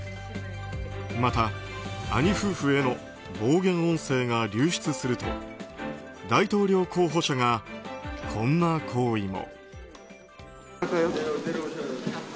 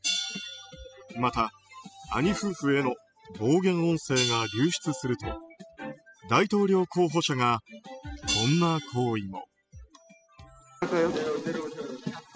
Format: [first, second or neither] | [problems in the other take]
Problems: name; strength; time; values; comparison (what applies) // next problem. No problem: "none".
first | noise reduction (classical method spectral subtraction)